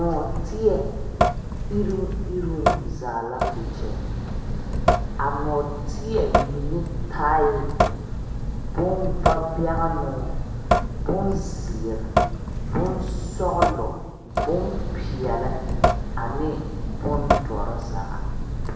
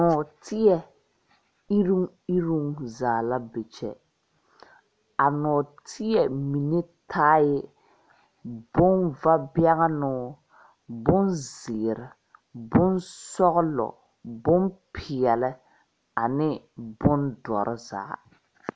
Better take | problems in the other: second | background sound (Drip / Sink (filling or washing) / Water tap, faucet); 3 dB above the speech // room echo; dies away in 1.2 s

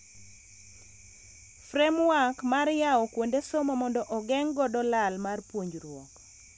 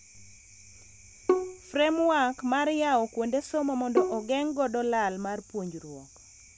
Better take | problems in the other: first | background sound (Bowed string instrument); 2 dB below the speech

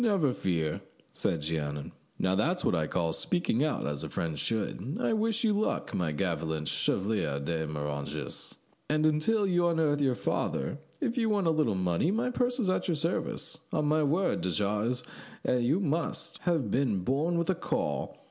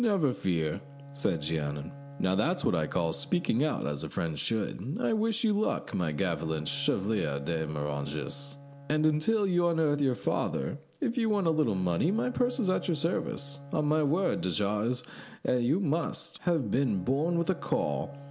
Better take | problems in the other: first | background sound (Bowed string instrument); 18 dB below the speech

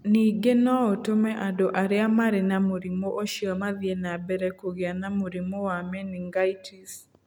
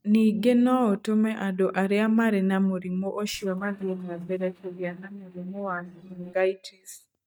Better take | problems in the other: first | noise reduction (neural mask model DeepFilterNet 3)

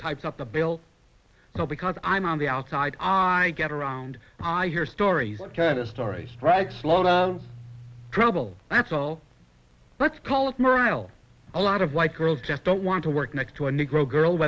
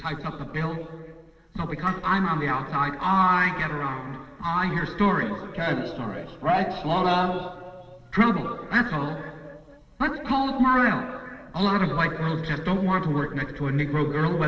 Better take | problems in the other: first | noise reduction (neural separator model SepFormer DNS4)

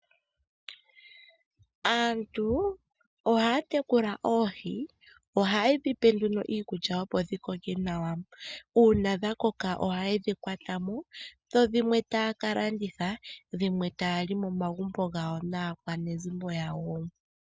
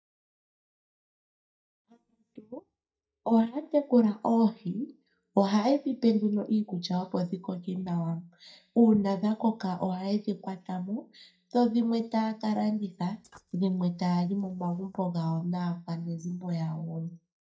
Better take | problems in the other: first | noise reduction (neural mask model DeepFilterNet 3)

